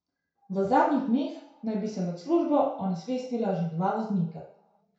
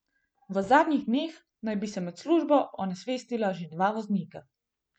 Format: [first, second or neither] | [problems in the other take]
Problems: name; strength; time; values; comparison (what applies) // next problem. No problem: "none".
second | room echo; dies away in 0.6 s